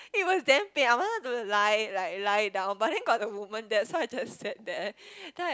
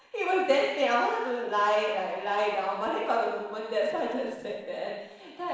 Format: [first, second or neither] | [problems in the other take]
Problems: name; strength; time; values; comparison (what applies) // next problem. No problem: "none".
first | noise reduction (neural separator model SepFormer DNS4)